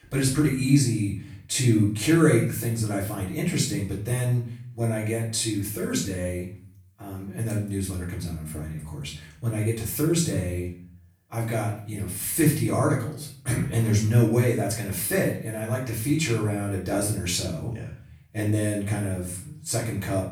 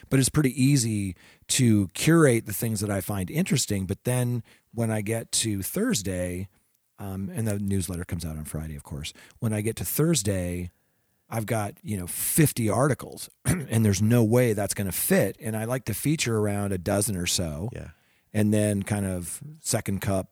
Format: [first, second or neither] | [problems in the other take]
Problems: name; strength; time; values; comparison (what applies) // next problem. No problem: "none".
second | off-mic speech; far // room echo; noticeable; dies away in 0.5 s